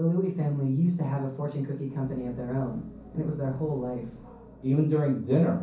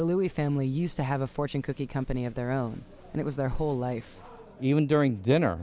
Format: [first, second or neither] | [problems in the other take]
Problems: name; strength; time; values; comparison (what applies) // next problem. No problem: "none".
second | background sound (Piano); 19 dB below the speech // room echo; dies away in 0.6 s